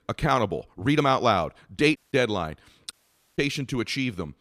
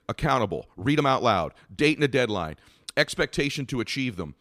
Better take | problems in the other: second | audio cutting out; at 2 s and at 3 s

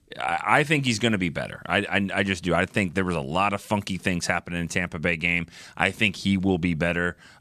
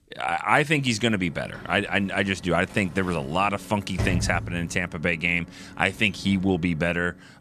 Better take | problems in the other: first | door banging; noticeable; from 1.5 to 6.5 s; peak 3 dB below the speech

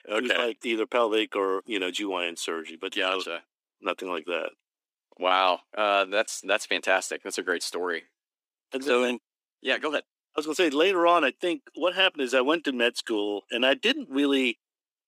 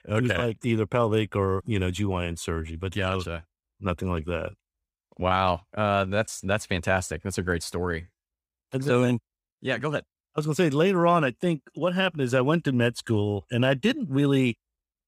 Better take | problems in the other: second | thin; somewhat; fading below 300 Hz

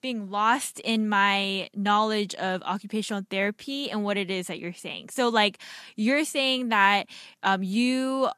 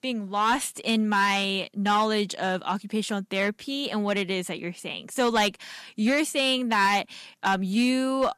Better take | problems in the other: first | distortion; slight; 3% of the sound clipped

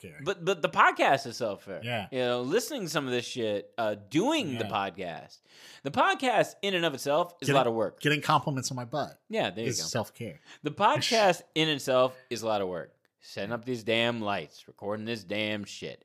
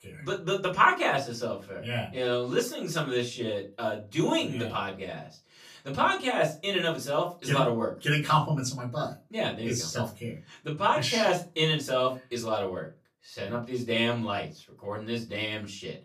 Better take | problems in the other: first | off-mic speech; far // room echo; very slight; dies away in 0.2 s

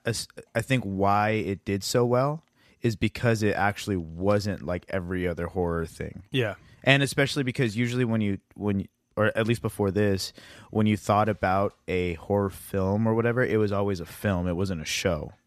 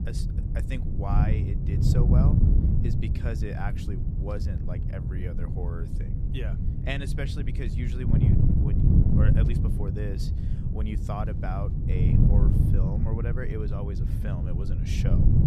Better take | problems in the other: first | wind noise on the microphone; heavy; 1 dB above the speech

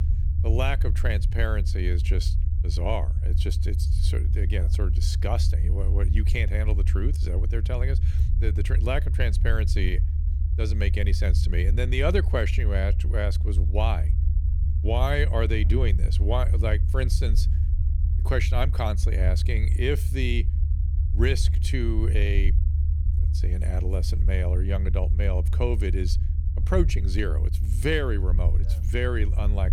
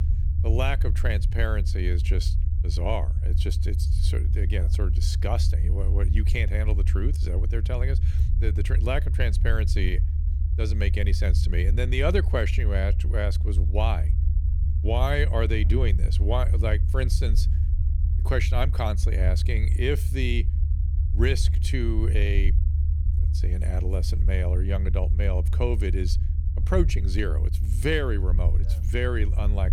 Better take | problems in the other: neither | low rumble; noticeable; throughout; 10 dB below the speech; the same in both

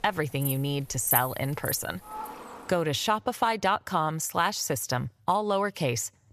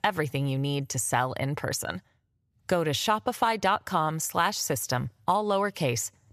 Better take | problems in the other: second | animal sounds; loud; until 2.5 s; 4 dB below the speech

